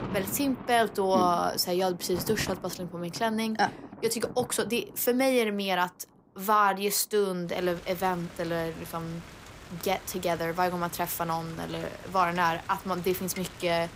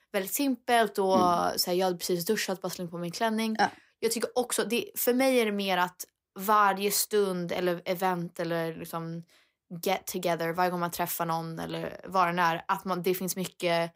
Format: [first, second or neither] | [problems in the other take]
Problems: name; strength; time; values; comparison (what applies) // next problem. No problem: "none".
second | rain or running water; noticeable; throughout; 15 dB below the speech